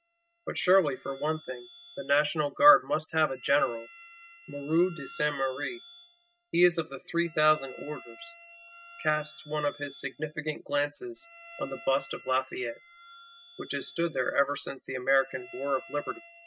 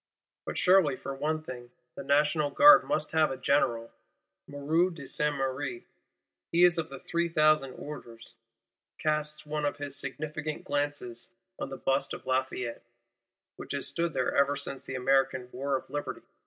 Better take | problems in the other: second | noise reduction (classical method spectral subtraction)

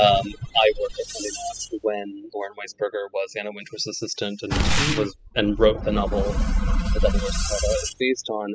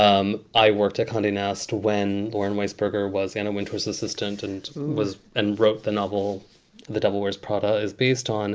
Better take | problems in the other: second | noise reduction (classical method spectral subtraction)

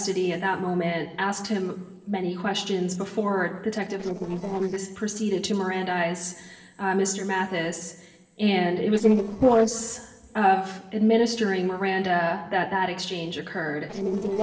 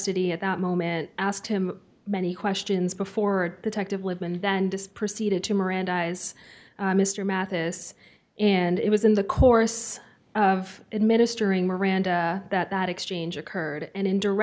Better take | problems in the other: second | noise reduction (neural separator model SepFormer DNS4)

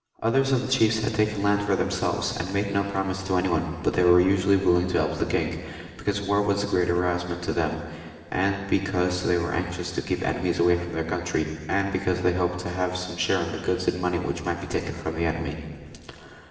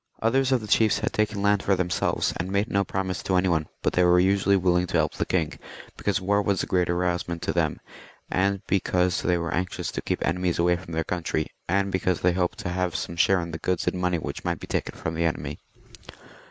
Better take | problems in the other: second | room echo; dies away in 2.1 s

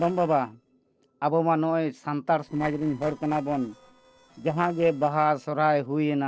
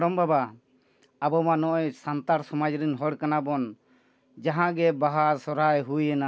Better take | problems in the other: second | noise reduction (neural separator model SepFormer DNS4)

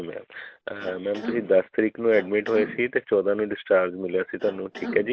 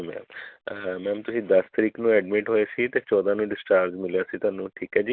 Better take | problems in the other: second | background sound (Cough); 13 dB below the speech

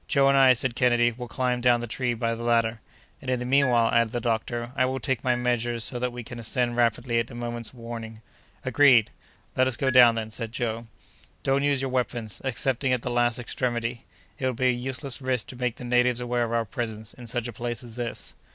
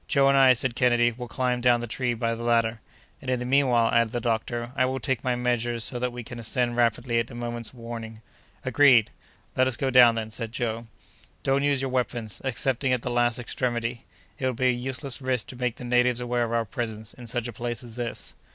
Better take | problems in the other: second | background sound (Marimba, xylophone); 14 dB below the speech

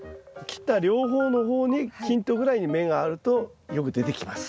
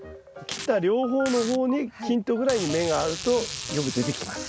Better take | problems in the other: first | background sound (Packing tape, duct tape); 12 dB below the speech

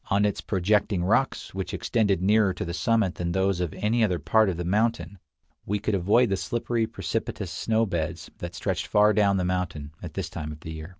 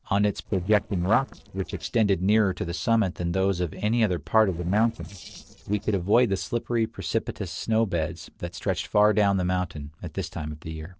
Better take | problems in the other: first | noise reduction (neural separator model SepFormer DNS4)

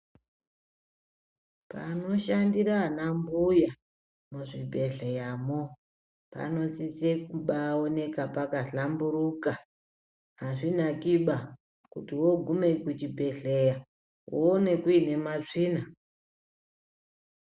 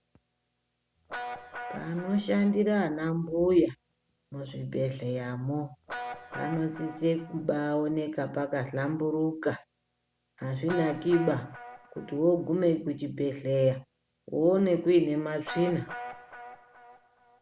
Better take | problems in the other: first | background sound (Guitar); 16 dB below the speech

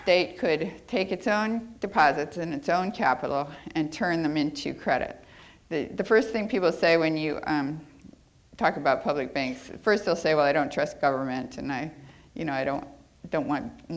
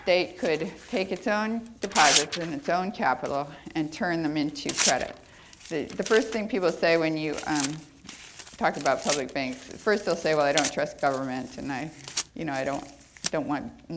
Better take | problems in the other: first | background sound (Tearing); 8 dB below the speech

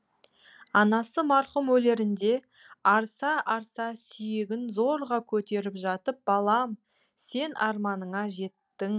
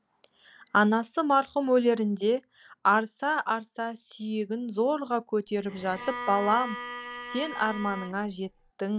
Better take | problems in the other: first | background sound (Bowed string instrument); 10 dB below the speech

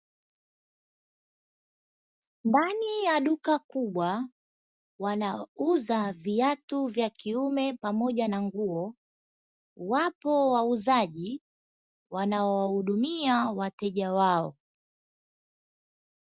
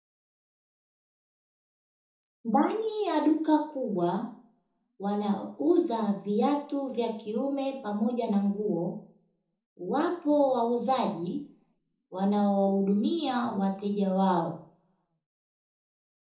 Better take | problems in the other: first | room echo; dies away in 1 s

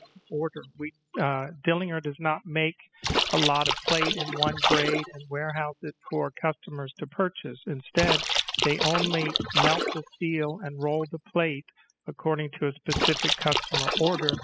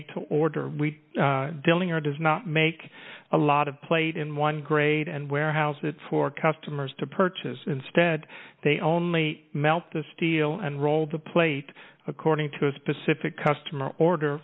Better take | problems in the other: second | noise reduction (classical method spectral subtraction)

